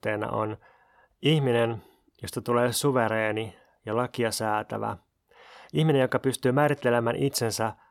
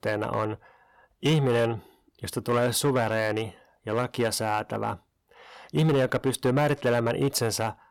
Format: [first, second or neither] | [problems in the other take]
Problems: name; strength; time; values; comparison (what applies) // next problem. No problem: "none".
first | distortion; slight; 6% of the sound clipped